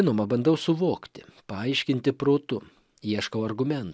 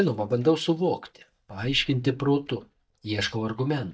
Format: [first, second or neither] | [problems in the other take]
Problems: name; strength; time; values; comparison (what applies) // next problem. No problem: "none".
first | noise reduction (neural mask model DeepFilterNet 3)